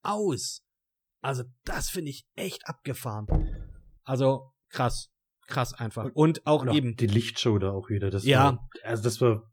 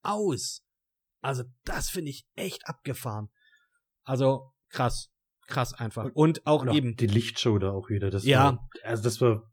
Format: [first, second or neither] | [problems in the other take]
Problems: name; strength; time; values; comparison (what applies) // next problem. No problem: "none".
second | door banging; noticeable; at 3.5 s; peak 3 dB below the speech